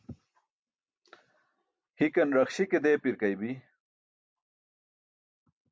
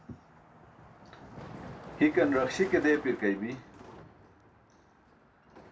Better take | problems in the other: first | background sound (Car passing by); 15 dB below the speech // room echo; dies away in 0.2 s

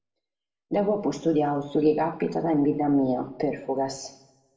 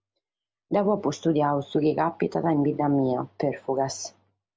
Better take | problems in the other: second | room echo; dies away in 0.7 s

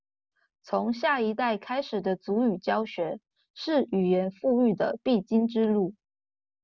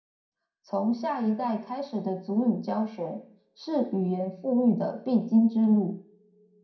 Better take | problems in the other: first | room echo; dies away in 0.5 s

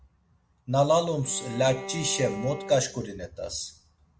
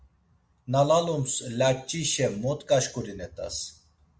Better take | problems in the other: second | background sound (Bowed string instrument); 13 dB below the speech

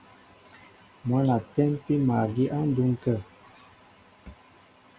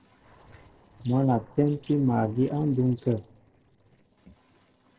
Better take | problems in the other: first | noise reduction (neural separator model SepFormer DNS4)

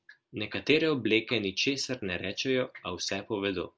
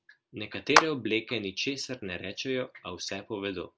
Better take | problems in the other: first | background sound (Clapping); 4 dB above the speech

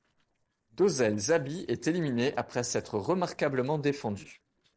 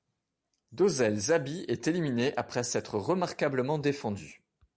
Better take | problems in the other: second | noise reduction (neural separator model SepFormer DNS4)

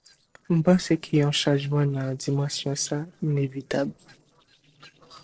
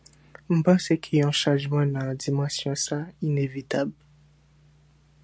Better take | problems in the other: second | noise reduction (neural separator model SepFormer DNS4)

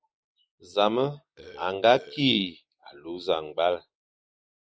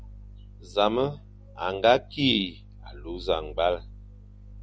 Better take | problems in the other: second | noise reduction (neural mask model Resemble Enhance denoiser)

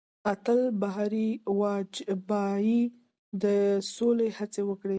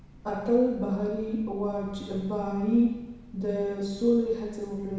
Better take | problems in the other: first | background sound (Train); 20 dB below the speech // room echo; dies away in 1.1 s

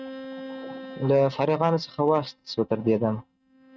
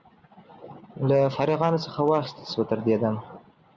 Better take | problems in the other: second | noise reduction (neural mask model RNNoise)

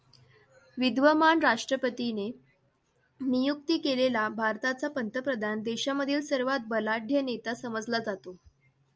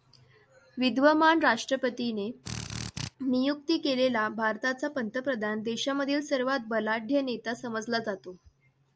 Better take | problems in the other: first | background sound (Drill); 8 dB below the speech

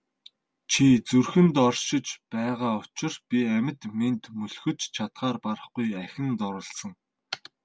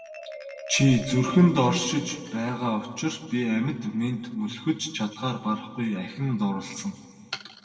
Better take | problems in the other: first | background sound (Marimba, xylophone); 19 dB below the speech // room echo; dies away in 1.5 s

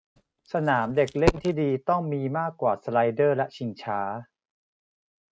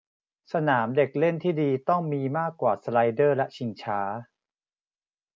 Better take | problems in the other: second | noise reduction (neural mask model RNNoise)

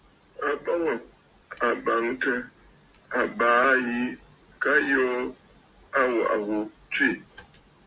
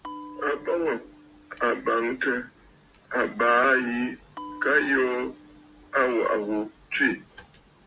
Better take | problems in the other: first | background sound (Bell); 20 dB below the speech

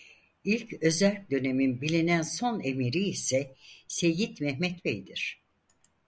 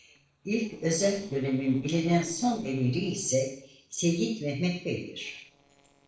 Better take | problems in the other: first | noise reduction (neural separator model SepFormer DNS4)

